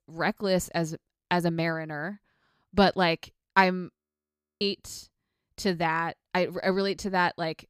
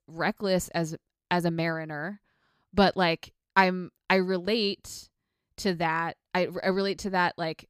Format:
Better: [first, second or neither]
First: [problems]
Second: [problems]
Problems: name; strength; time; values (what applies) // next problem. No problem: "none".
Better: second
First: audio freezing; at 4 s for 0.5 s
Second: none